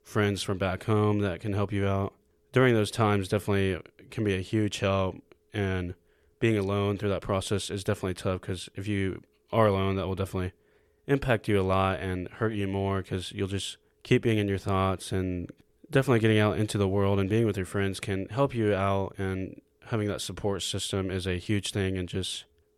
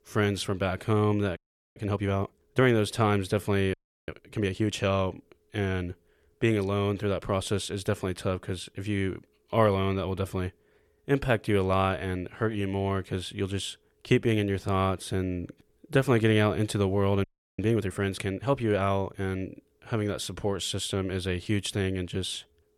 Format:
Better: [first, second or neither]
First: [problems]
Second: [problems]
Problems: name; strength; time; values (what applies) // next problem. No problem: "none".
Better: first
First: none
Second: audio freezing; at 1.5 s, at 3.5 s and at 17 s